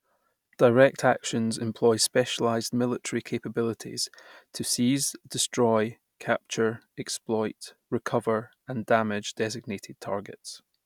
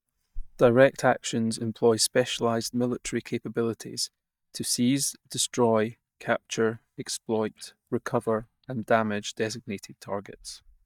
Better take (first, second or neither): first